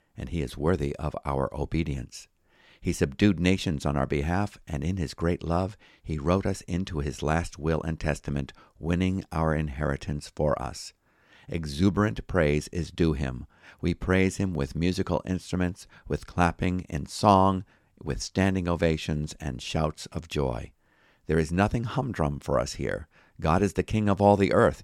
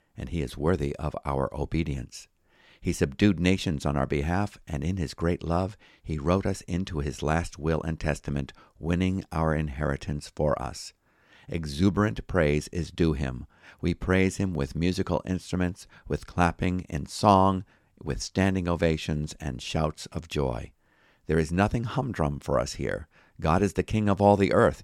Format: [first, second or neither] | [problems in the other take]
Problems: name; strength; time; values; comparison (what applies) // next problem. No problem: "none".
neither | none